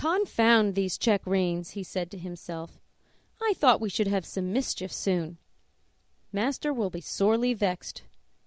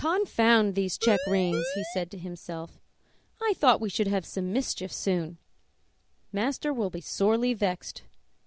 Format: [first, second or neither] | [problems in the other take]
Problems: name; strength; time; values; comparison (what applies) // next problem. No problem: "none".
first | background sound (Siren); 4 dB below the speech